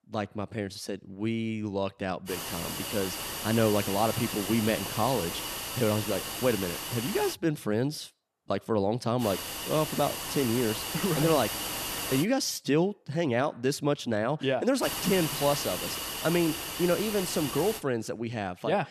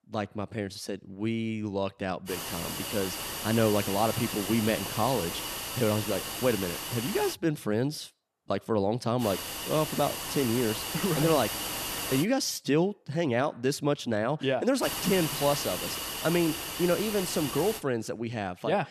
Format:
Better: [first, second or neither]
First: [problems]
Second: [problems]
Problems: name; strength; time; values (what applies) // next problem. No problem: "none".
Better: neither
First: hiss; loud; from 2.5 to 7.5 s, from 9 to 12 s and from 15 to 18 s; 4 dB below the speech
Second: hiss; loud; from 2.5 to 7.5 s, from 9 to 12 s and from 15 to 18 s; 4 dB below the speech